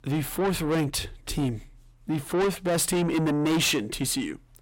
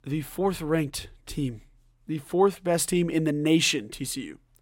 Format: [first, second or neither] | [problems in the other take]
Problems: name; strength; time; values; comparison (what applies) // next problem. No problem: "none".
second | distortion; heavy; 6 dB below the speech